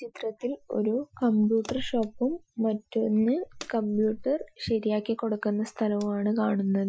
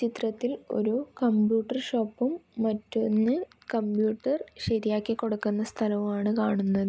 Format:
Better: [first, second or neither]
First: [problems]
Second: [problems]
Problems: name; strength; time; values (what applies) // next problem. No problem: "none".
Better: second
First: noise reduction (classical method Wiener filter)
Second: none